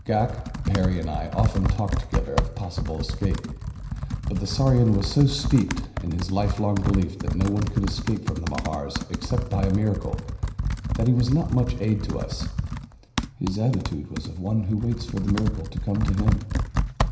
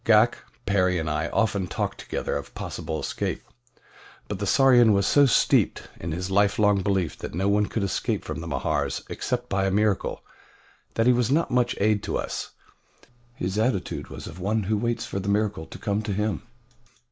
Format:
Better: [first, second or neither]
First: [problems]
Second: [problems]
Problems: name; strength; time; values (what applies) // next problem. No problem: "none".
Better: second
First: background sound (Computer keyboard); 2 dB below the speech // room echo; dies away in 0.9 s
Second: none